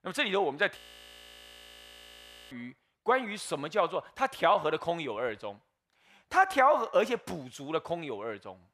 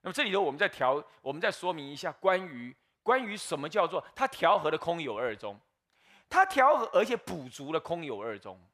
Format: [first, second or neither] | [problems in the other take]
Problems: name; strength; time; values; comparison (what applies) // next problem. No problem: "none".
second | audio freezing; at 1 s for 1.5 s